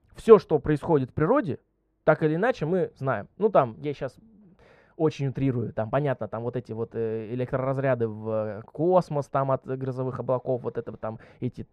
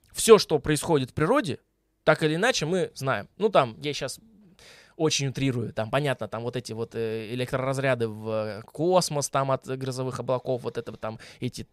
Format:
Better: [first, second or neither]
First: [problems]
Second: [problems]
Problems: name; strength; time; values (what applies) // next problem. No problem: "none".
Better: second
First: muffled; very; fading above 2.5 kHz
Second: none